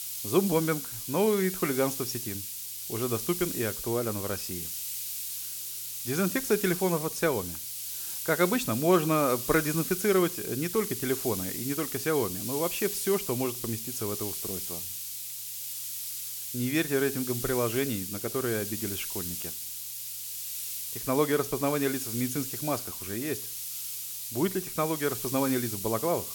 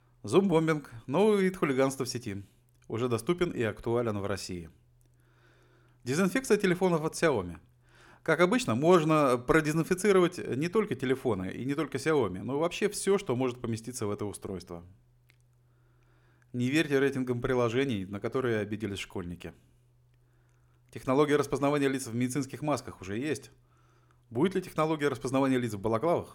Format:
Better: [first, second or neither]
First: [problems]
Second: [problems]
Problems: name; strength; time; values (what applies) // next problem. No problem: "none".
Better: second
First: hiss; loud; throughout; 4 dB below the speech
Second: none